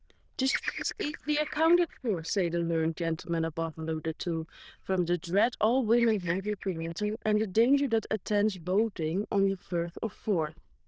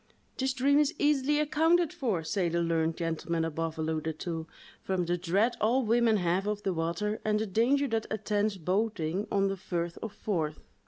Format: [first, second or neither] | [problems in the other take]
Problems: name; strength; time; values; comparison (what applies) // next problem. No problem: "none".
second | noise reduction (neural diffusion model UNIVERSE++)